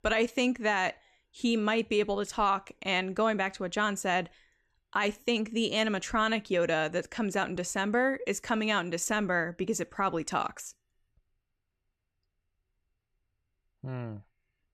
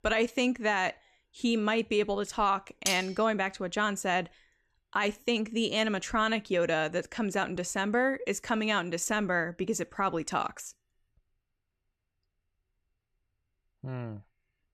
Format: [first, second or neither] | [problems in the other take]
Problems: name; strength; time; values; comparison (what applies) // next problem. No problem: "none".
first | clattering dishes; noticeable; at 3 s; peak 3 dB below the speech